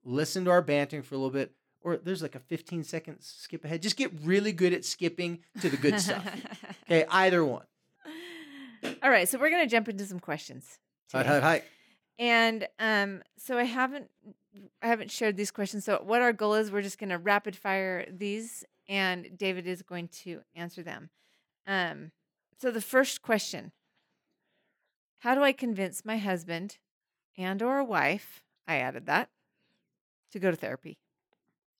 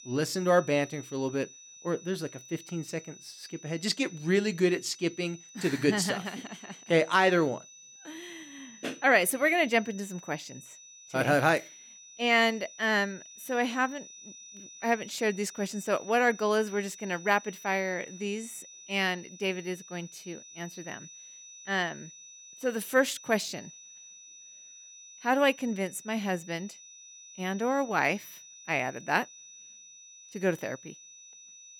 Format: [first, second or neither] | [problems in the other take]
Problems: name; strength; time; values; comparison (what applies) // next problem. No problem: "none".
first | high-pitched whine; noticeable; throughout; 6 kHz, 20 dB below the speech